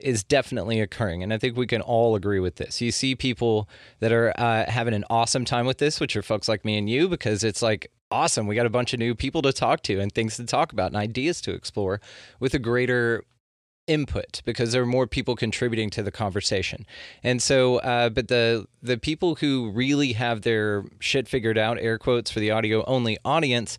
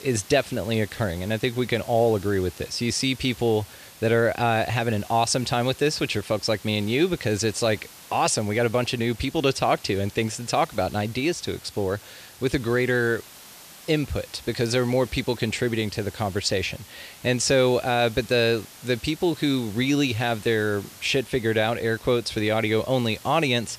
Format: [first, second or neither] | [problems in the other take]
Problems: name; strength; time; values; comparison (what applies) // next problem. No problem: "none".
first | hiss; noticeable; throughout; 20 dB below the speech